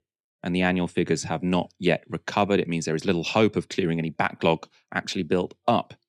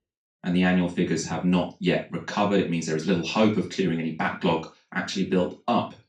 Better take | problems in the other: first | room echo; slight; dies away in 0.3 s // off-mic speech; far

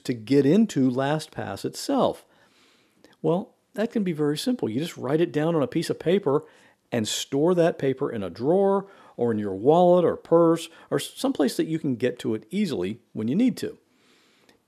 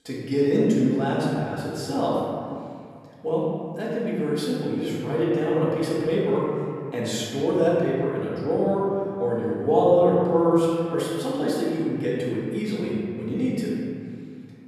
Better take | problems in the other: first | room echo; strong; dies away in 2.4 s // off-mic speech; far

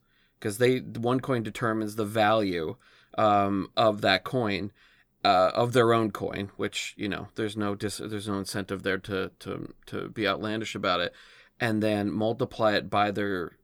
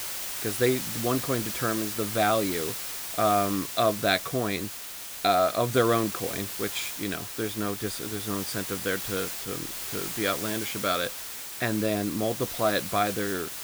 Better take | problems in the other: first | hiss; loud; throughout; 4 dB below the speech

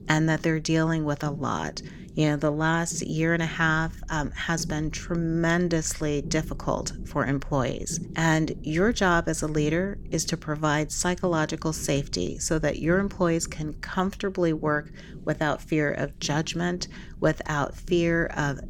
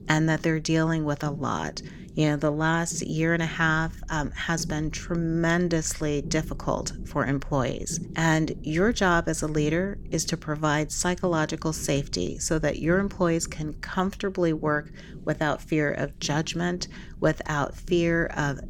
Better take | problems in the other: neither | low rumble; faint; throughout; 25 dB below the speech; the same in both

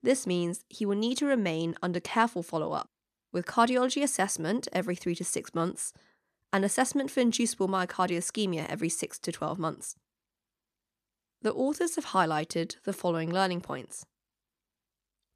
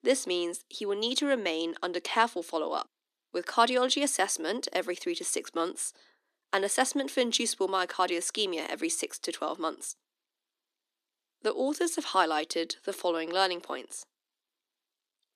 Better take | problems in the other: first | thin; very slightly; fading below 300 Hz

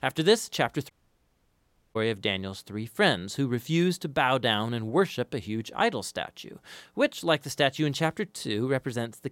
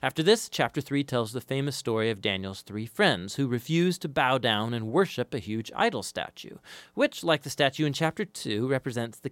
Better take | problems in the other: second | audio cutting out; at 1 s for 1 s

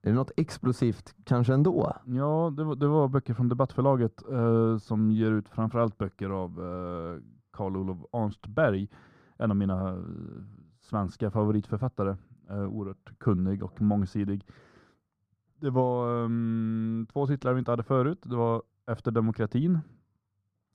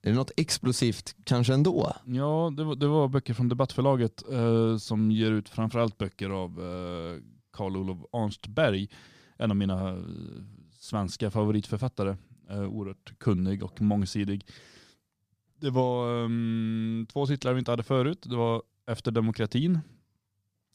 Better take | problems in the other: second | muffled; very; fading above 2 kHz

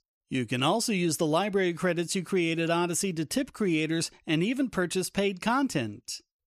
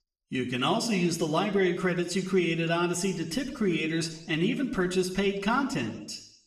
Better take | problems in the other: first | room echo; slight; dies away in 0.8 s // off-mic speech; somewhat distant

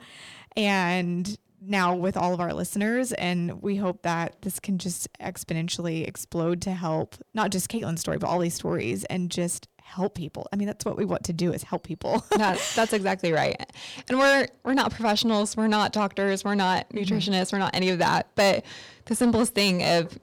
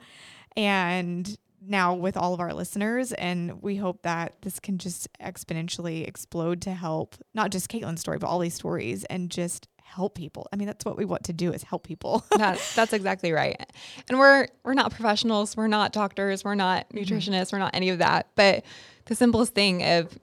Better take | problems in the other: second | distortion; slight; 10 dB below the speech

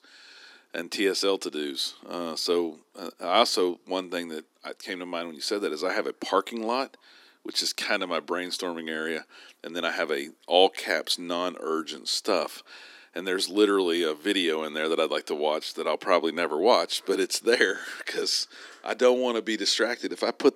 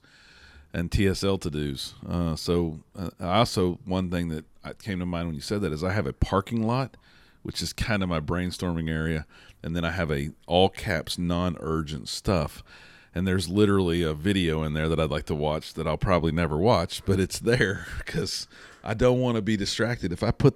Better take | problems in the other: second | thin; somewhat; fading below 250 Hz

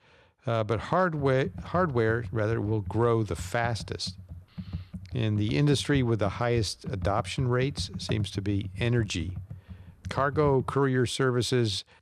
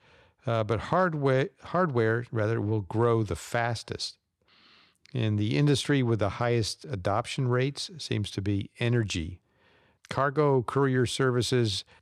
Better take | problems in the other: second | keyboard typing; noticeable; from 1 to 11 s; peak 9 dB below the speech

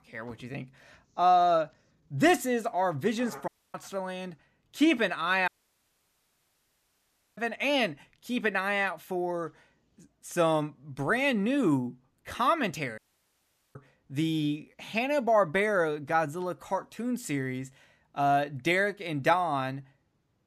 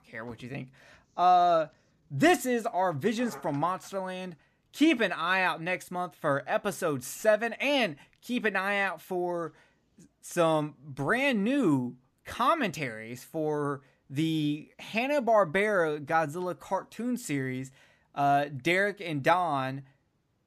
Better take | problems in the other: second | audio cutting out; at 3.5 s, at 5.5 s for 2 s and at 13 s for 1 s

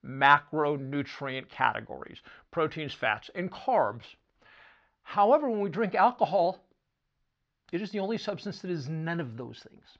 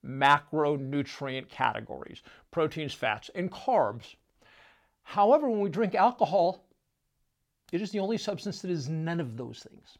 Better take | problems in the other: second | muffled; very slightly; fading above 5 kHz

